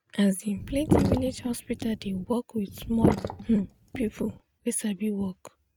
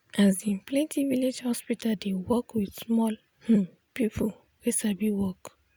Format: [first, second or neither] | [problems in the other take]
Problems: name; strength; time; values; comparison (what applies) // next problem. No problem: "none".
second | noise reduction (neural mask model RNNoise)